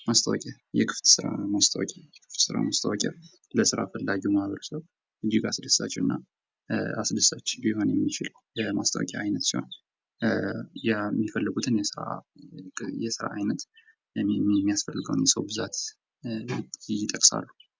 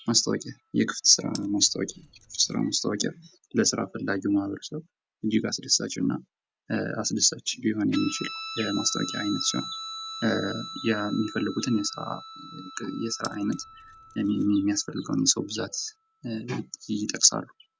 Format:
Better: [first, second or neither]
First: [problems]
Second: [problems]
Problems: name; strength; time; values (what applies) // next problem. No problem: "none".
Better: first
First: none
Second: background sound (Guitar + Keys jangling); 15 dB below the speech